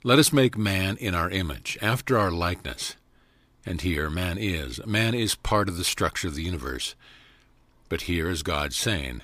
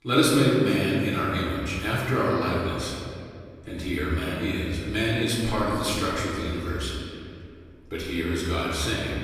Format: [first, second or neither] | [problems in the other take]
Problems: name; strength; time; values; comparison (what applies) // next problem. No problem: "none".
first | room echo; noticeable; dies away in 2.3 s // off-mic speech; far